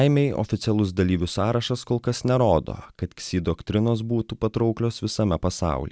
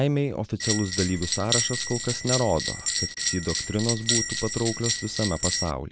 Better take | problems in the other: first | background sound (Bell); 1 dB below the speech

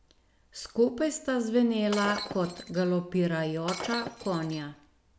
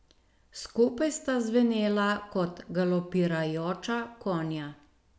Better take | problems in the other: second | background sound (Shatter); 11 dB below the speech

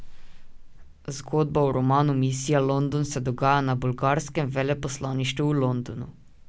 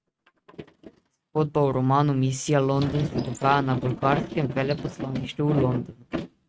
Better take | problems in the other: first | noise reduction (neural mask model RNNoise)

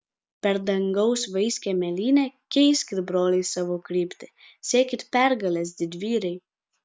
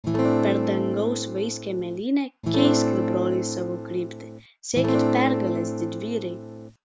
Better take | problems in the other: first | background sound (Acoustic guitar / Strum); 2 dB above the speech

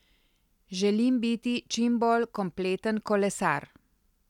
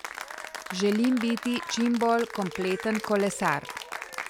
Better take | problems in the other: first | background sound (Applause / Cheering); 10 dB below the speech

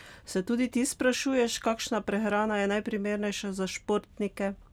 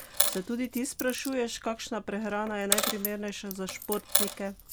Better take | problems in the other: first | background sound (Coin (dropping)); 1 dB below the speech

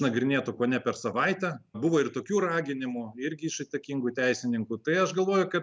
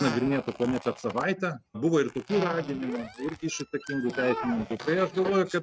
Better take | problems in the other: first | noise reduction (neural mask model RNNoise)

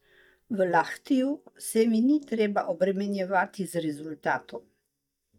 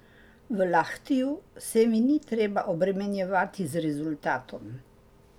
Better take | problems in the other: second | noise reduction (neural mask model DeepFilterNet 3)

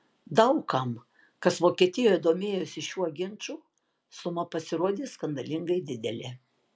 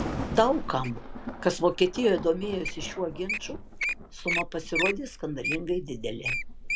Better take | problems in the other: first | background sound (Thunder + Wild animals); 5 dB below the speech

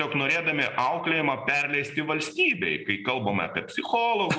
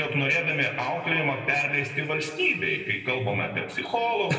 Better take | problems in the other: first | room echo; dies away in 2.1 s

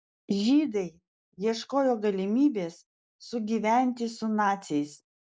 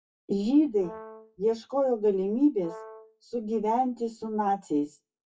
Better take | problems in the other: first | noise reduction (classical method WPE with log-MMSE)

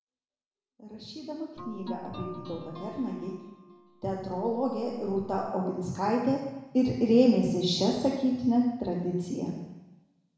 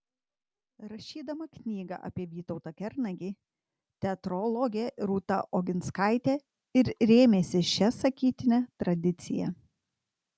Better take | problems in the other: second | background sound (Guitar); 16 dB below the speech // room echo; dies away in 1 s

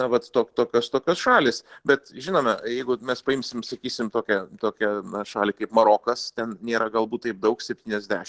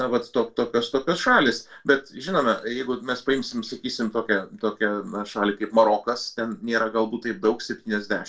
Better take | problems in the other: first | room echo; dies away in 0.2 s

